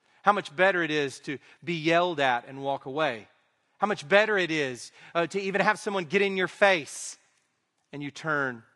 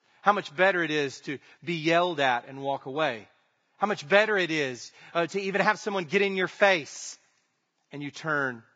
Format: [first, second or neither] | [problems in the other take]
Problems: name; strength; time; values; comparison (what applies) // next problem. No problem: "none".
first | garbled, watery; badly; nothing above 7.5 kHz; slightly in the first